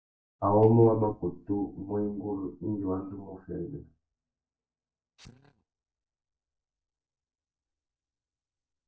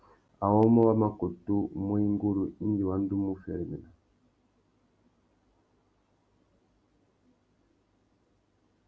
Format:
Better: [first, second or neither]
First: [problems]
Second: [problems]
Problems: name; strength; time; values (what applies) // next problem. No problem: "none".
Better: second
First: noise reduction (neural mask model DeepFilterNet 3)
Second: none